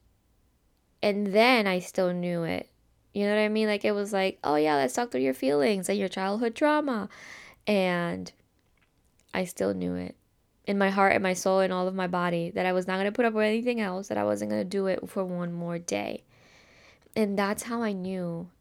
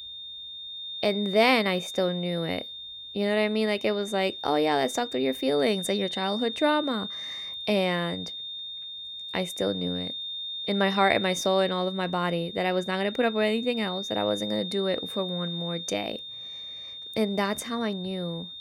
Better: first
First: none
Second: high-pitched whine; loud; throughout; 3.5 kHz, 7 dB below the speech

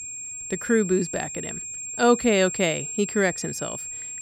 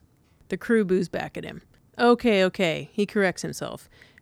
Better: second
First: high-pitched whine; loud; throughout; 7.5 kHz, 7 dB below the speech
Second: none

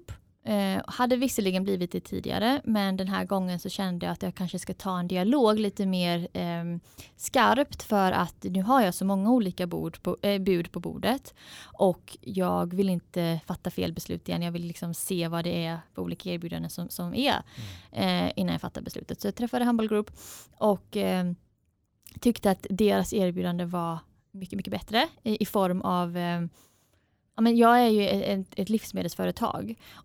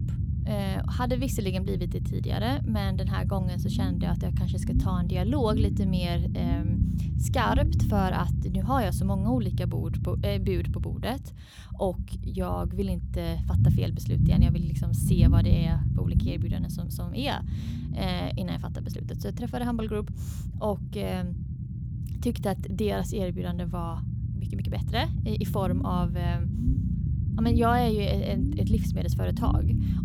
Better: first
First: none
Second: low rumble; loud; throughout; 7 dB below the speech

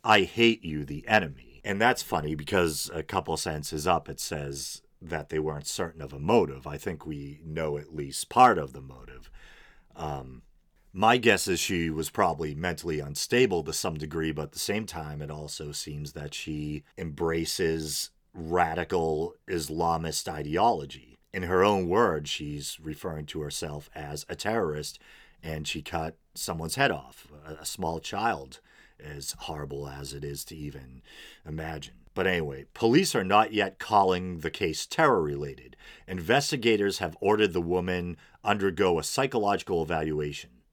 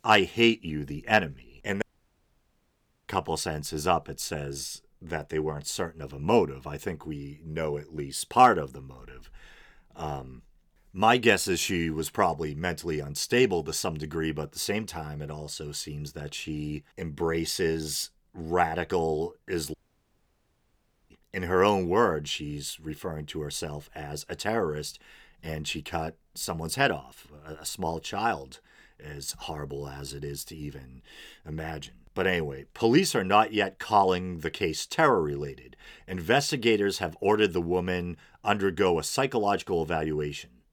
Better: first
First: none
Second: audio cutting out; at 2 s for 1.5 s and at 20 s for 1.5 s

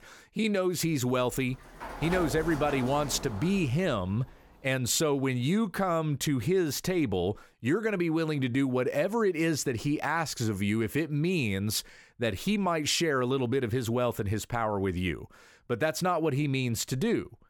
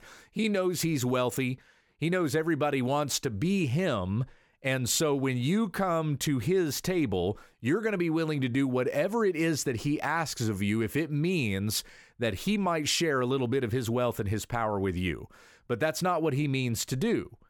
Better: second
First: door banging; noticeable; from 1 to 4.5 s; peak 7 dB below the speech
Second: none

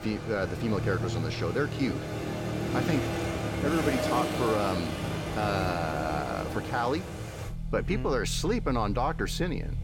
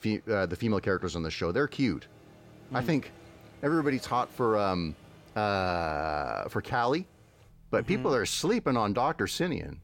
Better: second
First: traffic noise; loud; throughout; 2 dB below the speech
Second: traffic noise; faint; throughout; 25 dB below the speech

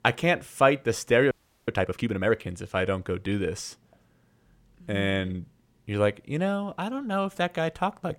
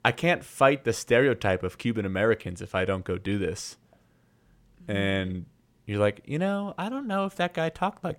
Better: second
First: audio freezing; at 1.5 s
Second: none

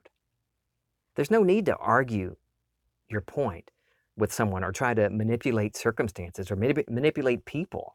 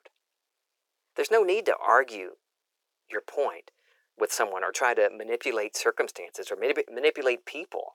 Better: first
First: none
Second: thin; very; fading below 400 Hz

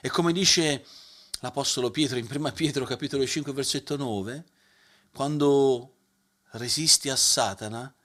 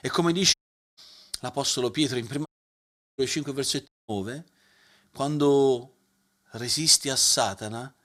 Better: first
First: none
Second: audio cutting out; at 0.5 s, at 2.5 s for 0.5 s and at 4 s

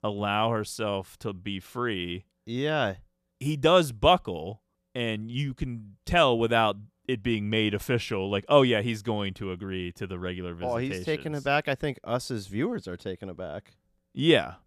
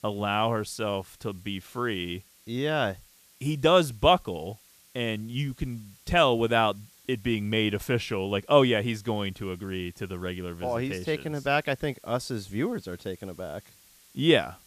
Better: first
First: none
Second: hiss; faint; throughout; 25 dB below the speech

